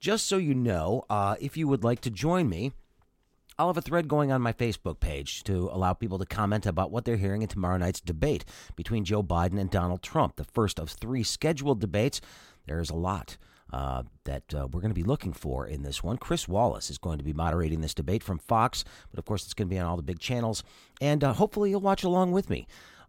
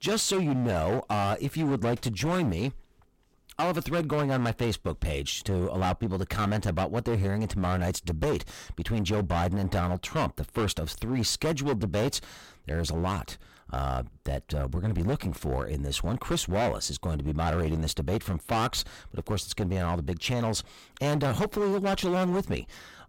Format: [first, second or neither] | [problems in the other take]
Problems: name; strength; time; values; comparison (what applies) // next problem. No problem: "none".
first | distortion; heavy; 16% of the sound clipped